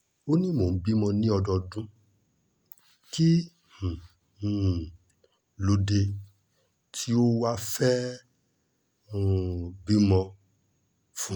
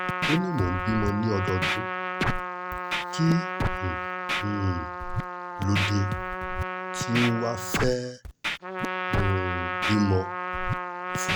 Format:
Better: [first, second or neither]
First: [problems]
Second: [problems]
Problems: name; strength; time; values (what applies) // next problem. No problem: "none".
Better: first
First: none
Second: background sound (Scratching (performance technique) + Trumpet); as loud as the speech